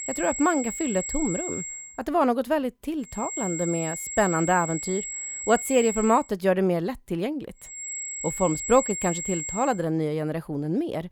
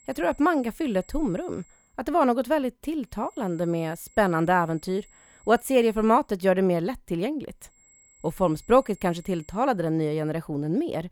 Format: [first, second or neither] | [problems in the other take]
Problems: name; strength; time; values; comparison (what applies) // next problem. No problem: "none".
second | high-pitched whine; loud; until 2 s, from 3 to 6 s and from 8 to 9.5 s; 7.5 kHz, 5 dB below the speech; faint in the second